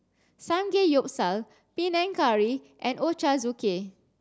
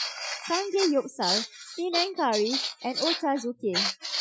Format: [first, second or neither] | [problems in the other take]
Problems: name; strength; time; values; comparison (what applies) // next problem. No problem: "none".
first | noise reduction (classical method Wiener filter)